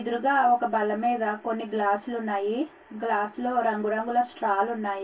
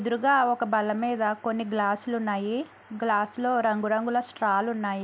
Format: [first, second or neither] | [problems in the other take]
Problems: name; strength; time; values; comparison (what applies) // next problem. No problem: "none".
second | room echo; dies away in 0.1 s